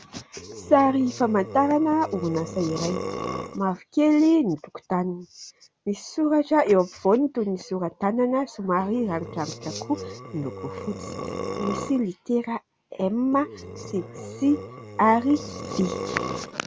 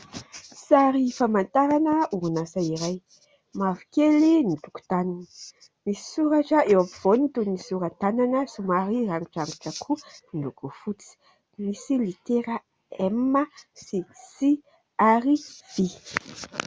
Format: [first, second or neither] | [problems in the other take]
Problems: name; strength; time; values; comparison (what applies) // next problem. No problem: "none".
second | background sound (Burping, eructation); 10 dB below the speech